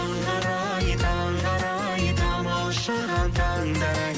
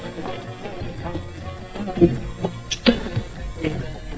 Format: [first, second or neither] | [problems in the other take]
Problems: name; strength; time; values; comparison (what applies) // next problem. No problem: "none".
first | noise reduction (neural mask model DeepFilterNet 3)